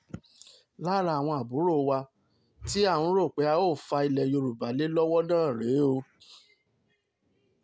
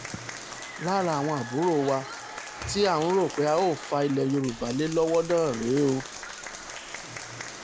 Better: first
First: none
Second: background sound (Applause / Crowd); 12 dB below the speech

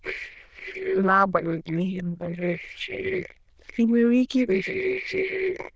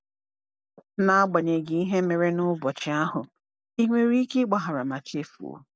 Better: second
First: noise reduction (neural diffusion model UNIVERSE++)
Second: none

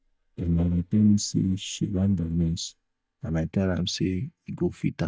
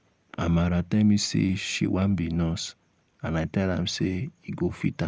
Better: second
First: noise reduction (neural mask model DeepFilterNet 3)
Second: none

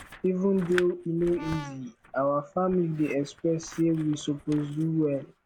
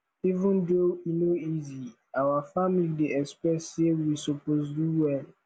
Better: second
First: background sound (Scissors + Brass instrument); 17 dB below the speech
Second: none

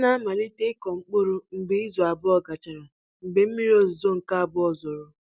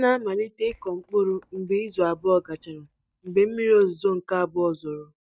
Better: first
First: none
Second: noise reduction (neural mask model DeepFilterNet 3)

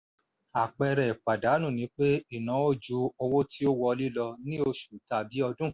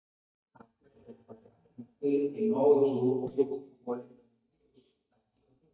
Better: first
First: none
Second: noise reduction (neural mask model DeepFilterNet 3)

